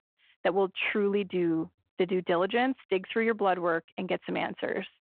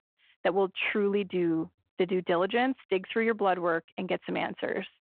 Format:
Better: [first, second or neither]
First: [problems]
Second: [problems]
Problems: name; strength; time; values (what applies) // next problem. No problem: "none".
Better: neither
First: phone-call audio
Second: phone-call audio